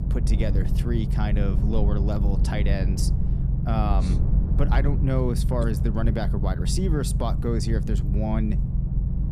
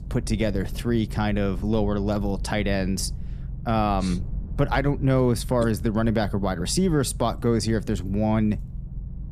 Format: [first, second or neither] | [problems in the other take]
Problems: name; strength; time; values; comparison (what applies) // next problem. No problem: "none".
second | low rumble; loud; throughout; 6 dB below the speech; faint in the second